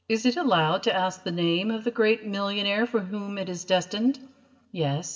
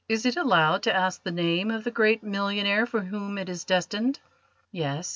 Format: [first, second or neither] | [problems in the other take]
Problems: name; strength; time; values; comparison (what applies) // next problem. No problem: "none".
second | room echo; dies away in 0.9 s